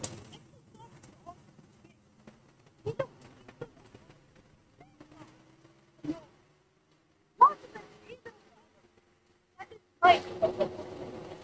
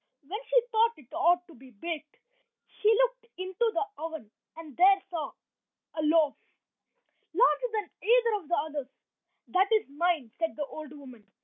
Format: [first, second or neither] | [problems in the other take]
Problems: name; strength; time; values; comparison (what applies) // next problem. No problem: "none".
second | noise reduction (neural mask model RNNoise)